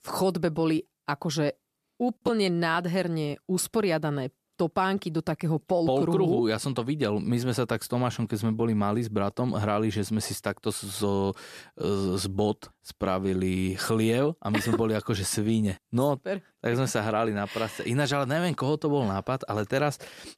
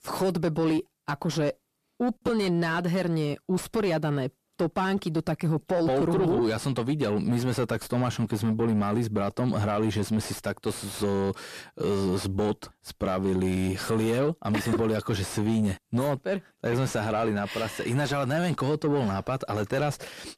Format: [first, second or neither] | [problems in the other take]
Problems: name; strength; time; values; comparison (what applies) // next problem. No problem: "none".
first | distortion; slight; 10 dB below the speech